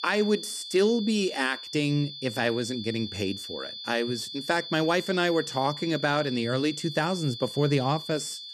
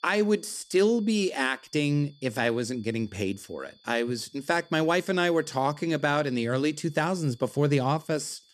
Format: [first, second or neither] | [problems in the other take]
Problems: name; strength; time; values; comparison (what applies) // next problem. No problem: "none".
second | high-pitched whine; loud; throughout; 3.5 kHz, 9 dB below the speech; faint in the second